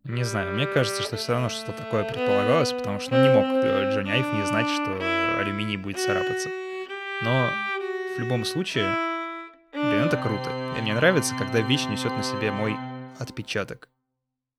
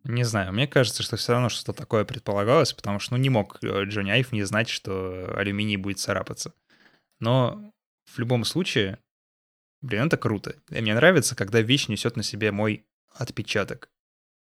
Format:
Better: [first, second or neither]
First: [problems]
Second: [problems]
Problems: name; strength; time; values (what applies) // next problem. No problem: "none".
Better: second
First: background music; loud; throughout; as loud as the speech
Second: none